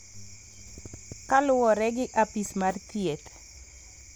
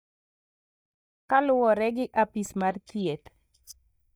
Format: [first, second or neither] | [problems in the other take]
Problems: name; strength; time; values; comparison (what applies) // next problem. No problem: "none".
first | noise reduction (neural mask model DeepFilterNet 3)